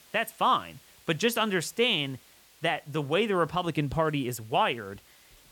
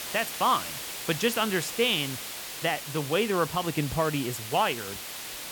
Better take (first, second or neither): first